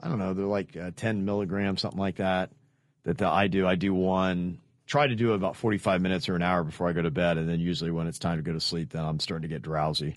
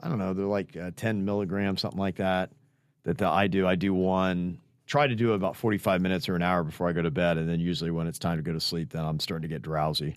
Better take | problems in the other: second | garbled, watery; slightly; nothing above 11 kHz

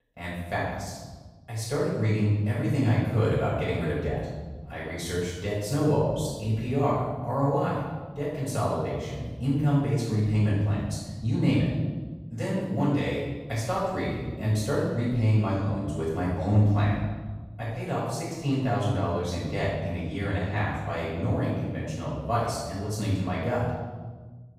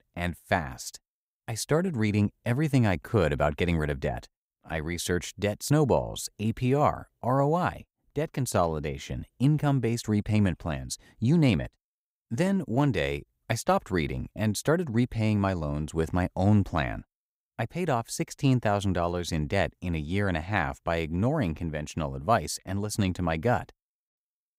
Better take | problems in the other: second | off-mic speech; far // room echo; strong; dies away in 1.3 s

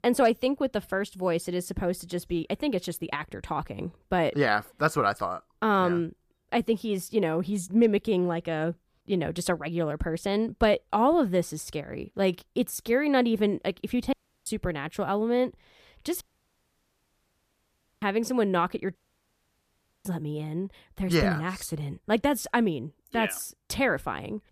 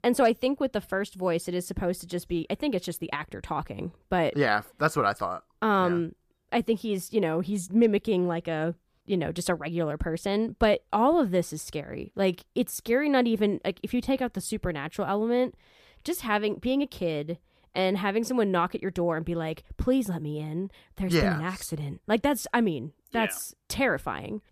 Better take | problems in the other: second | audio cutting out; at 14 s, at 16 s for 2 s and at 19 s for 1 s

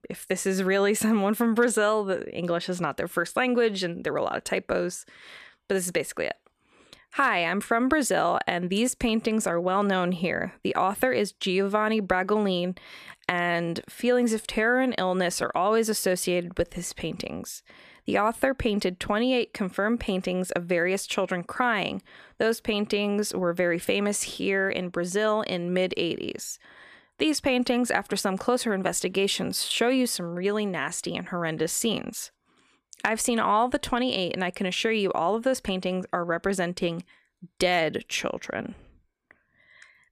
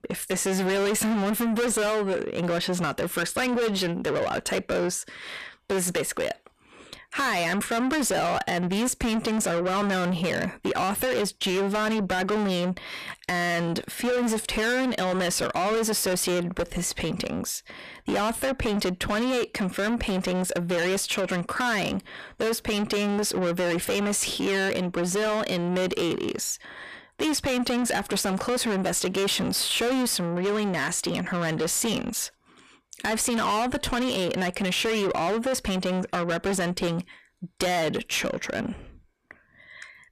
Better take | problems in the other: first | distortion; heavy; 6 dB below the speech

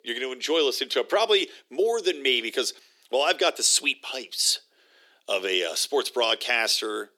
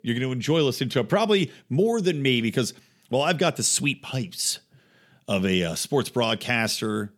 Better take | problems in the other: second | thin; very; fading below 350 Hz

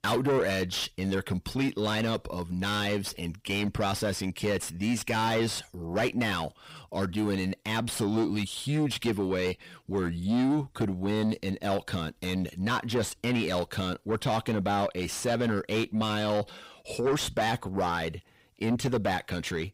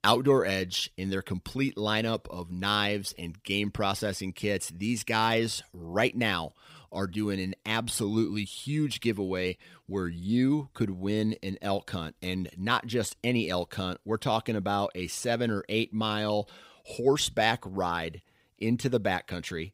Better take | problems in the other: second | distortion; heavy; 6 dB below the speech

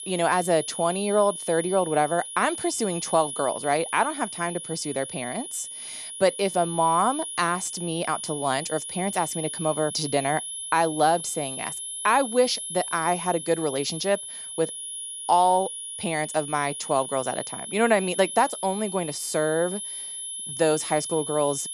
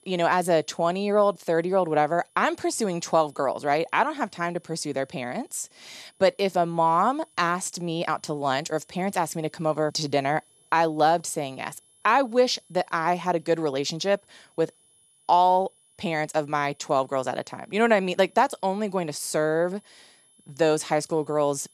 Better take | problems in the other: second | high-pitched whine; loud; throughout; 10.5 kHz, 7 dB below the speech; faint in the second

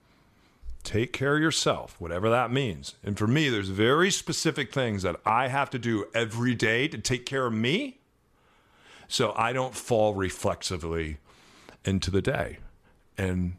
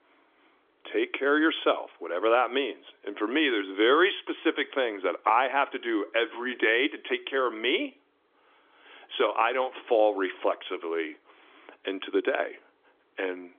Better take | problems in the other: first | phone-call audio; nothing above 3.5 kHz

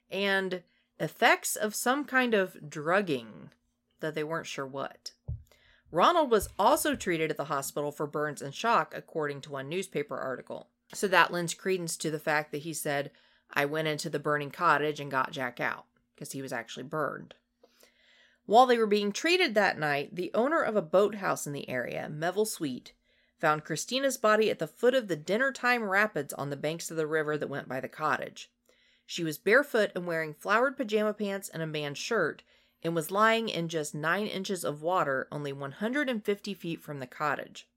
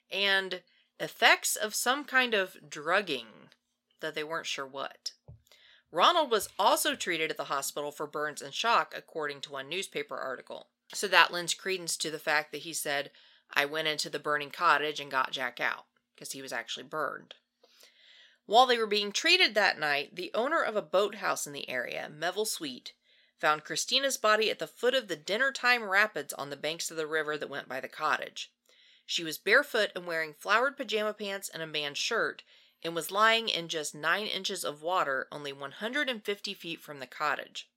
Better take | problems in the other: first | thin; very slightly; fading below 1 kHz

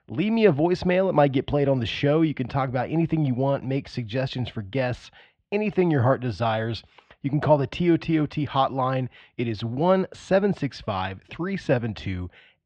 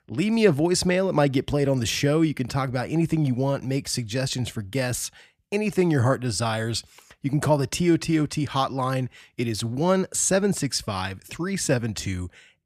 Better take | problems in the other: second | muffled; very; fading above 3.5 kHz

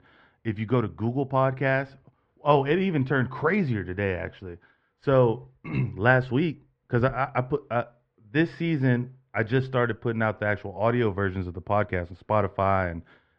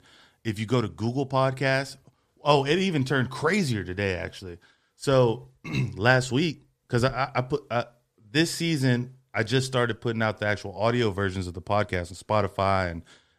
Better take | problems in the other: second | muffled; very; fading above 2.5 kHz

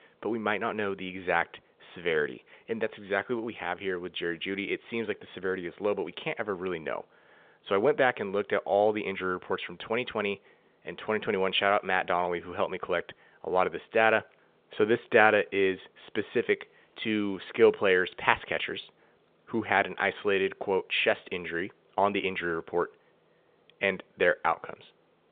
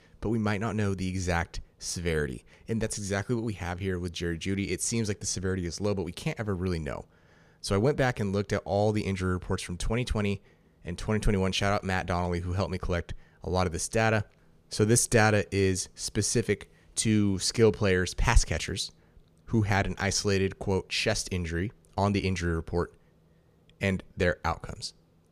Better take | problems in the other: second | phone-call audio

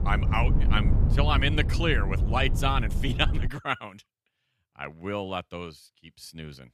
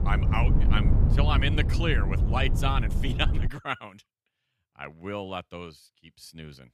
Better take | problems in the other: first | wind noise on the microphone; heavy; until 3.5 s; 8 dB below the speech; occasional gusts in the first

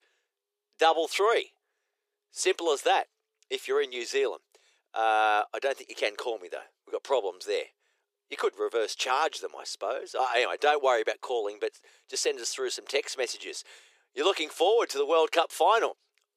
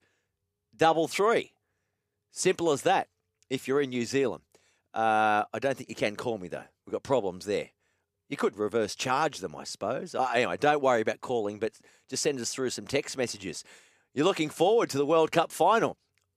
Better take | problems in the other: second | thin; very; fading below 400 Hz

